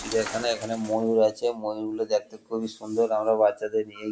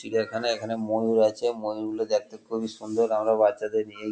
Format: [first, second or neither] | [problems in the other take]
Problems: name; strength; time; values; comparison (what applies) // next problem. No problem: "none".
second | background sound (Shatter); 18 dB below the speech